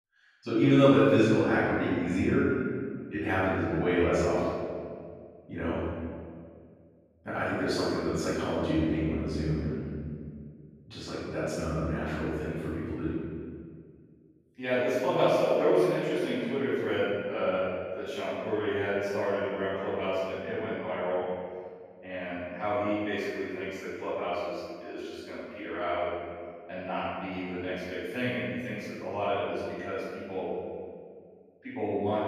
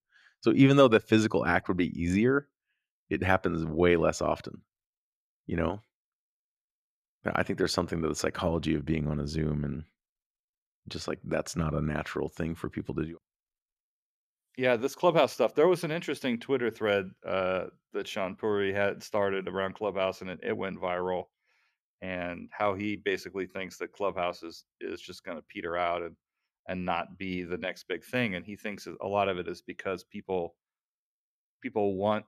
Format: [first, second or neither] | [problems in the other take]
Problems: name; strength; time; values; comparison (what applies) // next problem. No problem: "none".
second | off-mic speech; far // room echo; strong; dies away in 1.8 s